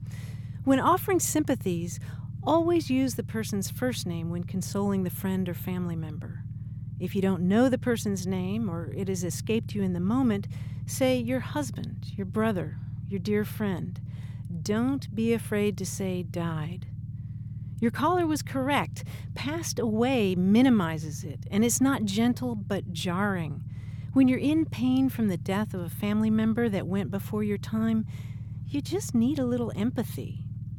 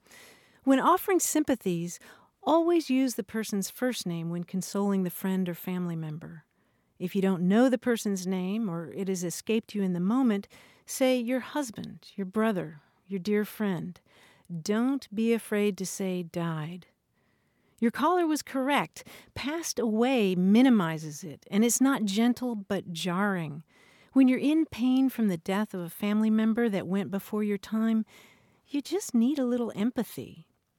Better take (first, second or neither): second